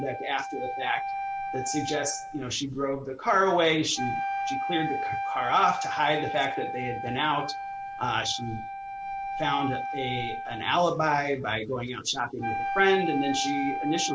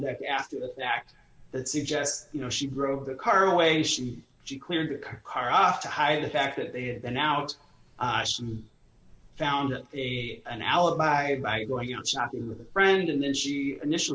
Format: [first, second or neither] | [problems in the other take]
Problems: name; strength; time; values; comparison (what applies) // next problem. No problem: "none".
second | background sound (Wind instrument, woodwind instrument); 5 dB below the speech